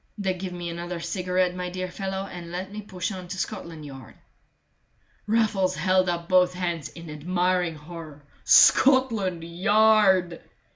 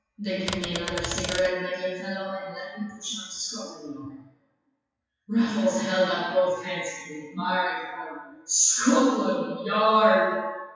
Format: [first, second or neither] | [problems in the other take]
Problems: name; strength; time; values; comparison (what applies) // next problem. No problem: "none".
first | noise reduction (classical method WPE with log-MMSE)